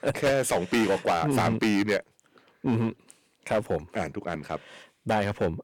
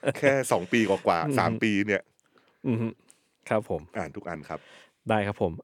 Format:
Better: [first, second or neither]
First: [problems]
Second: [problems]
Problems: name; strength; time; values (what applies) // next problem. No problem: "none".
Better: second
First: distortion; heavy; 7% of the sound clipped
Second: none